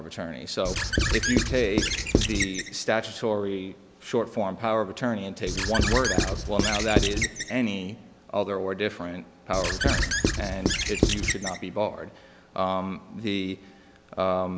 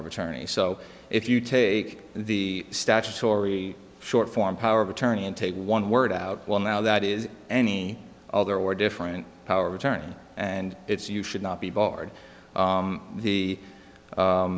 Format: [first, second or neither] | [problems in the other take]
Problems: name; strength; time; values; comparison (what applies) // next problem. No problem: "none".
second | background sound (Squeak / Writing); 2 dB above the speech